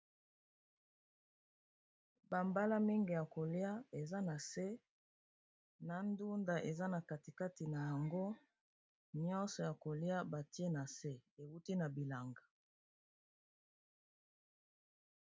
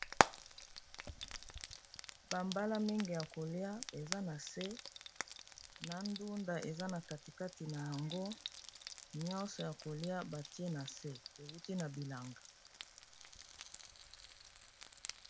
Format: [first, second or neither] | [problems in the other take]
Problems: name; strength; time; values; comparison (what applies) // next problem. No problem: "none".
first | background sound (Frying (food)); 2 dB below the speech